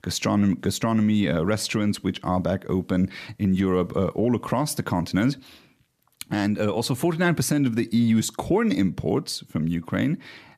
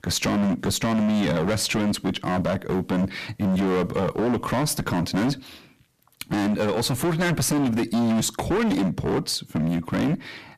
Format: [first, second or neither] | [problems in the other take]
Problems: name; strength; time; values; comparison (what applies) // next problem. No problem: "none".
first | distortion; heavy; 24% of the sound clipped